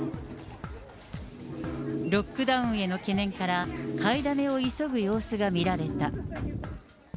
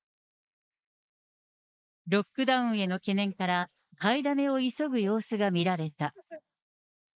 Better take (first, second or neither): first